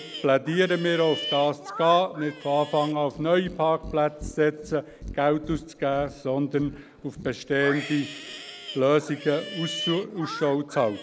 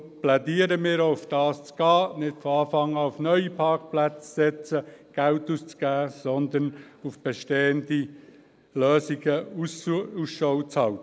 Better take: second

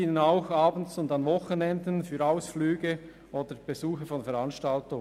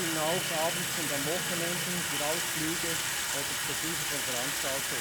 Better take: first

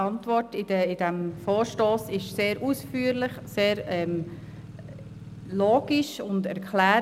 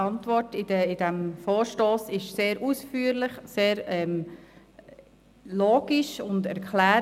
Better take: second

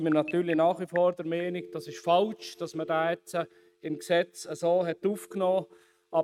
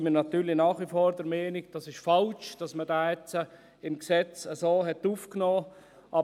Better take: second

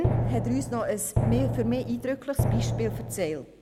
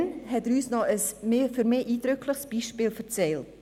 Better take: second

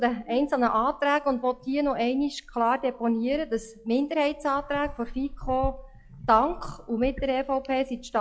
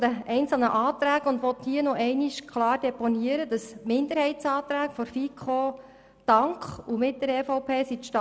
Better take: second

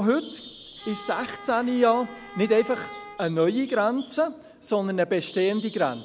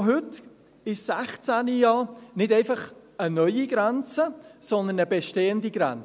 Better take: second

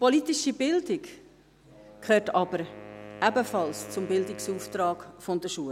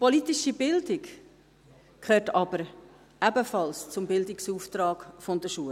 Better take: second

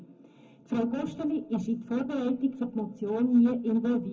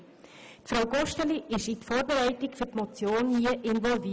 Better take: second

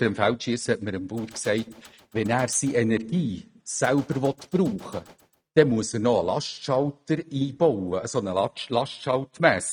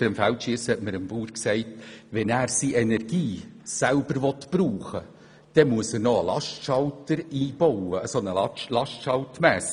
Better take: second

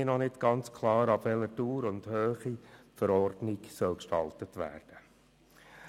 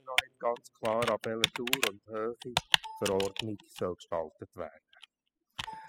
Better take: first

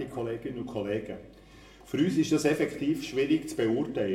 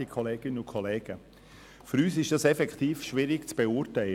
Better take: second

